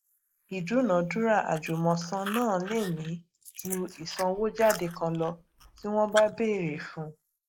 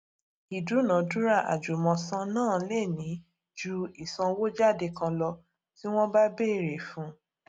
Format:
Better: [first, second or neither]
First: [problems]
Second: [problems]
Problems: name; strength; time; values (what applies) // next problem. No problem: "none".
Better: second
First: noise reduction (neural mask model Resemble Enhance denoiser)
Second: none